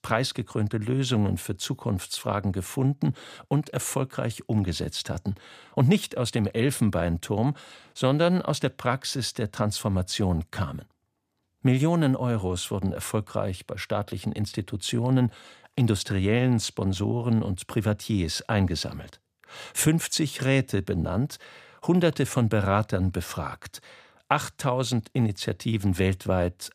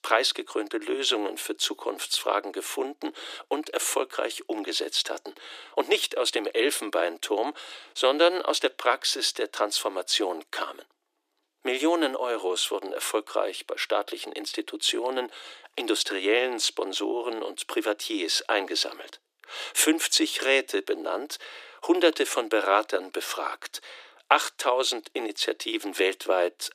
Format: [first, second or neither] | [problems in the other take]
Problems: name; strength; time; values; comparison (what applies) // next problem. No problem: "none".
first | thin; very; fading below 300 Hz